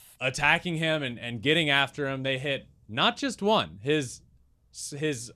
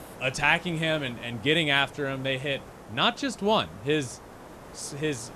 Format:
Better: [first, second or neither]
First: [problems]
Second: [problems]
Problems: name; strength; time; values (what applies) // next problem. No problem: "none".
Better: first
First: none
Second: hiss; noticeable; throughout; 20 dB below the speech